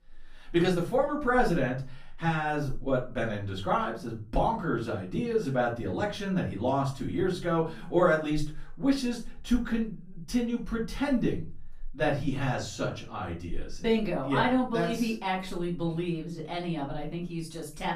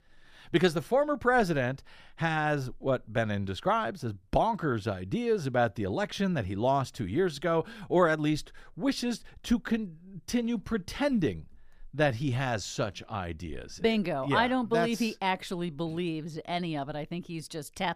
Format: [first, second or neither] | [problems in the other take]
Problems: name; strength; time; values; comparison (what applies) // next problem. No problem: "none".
second | room echo; slight; dies away in 0.3 s // off-mic speech; far